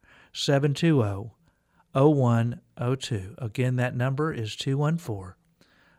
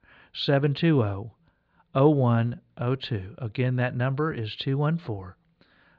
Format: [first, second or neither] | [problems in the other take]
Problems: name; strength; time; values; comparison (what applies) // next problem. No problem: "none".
first | muffled; very slightly; fading above 4 kHz